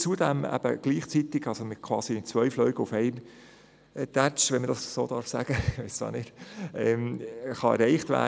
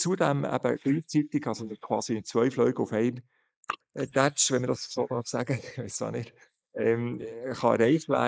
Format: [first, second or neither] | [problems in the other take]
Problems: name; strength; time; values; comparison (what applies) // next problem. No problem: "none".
first | noise reduction (neural mask model Resemble Enhance denoiser)